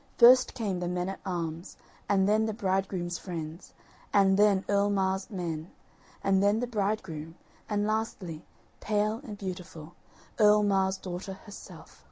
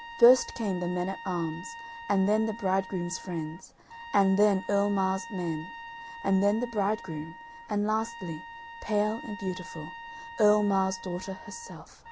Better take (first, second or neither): first